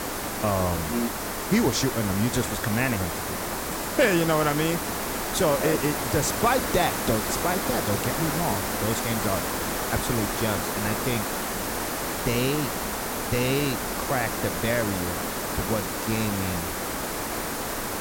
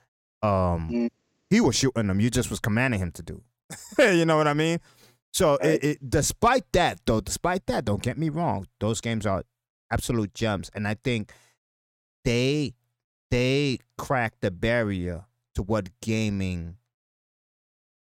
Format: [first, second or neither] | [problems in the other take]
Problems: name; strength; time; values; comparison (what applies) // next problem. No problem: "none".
second | hiss; loud; throughout; 1 dB below the speech